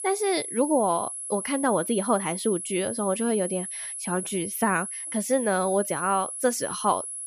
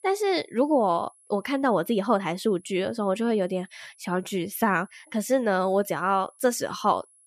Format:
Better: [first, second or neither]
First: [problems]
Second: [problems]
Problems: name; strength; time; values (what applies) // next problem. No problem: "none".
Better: second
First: high-pitched whine; loud; throughout; 10.5 kHz, 6 dB below the speech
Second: high-pitched whine; faint; throughout; 10.5 kHz, 30 dB below the speech